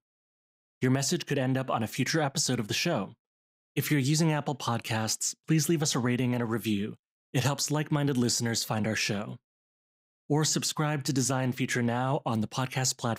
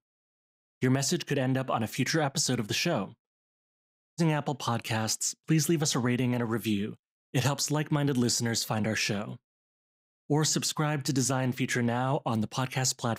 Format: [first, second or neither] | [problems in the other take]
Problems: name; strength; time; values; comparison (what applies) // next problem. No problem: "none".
first | audio cutting out; at 3.5 s for 0.5 s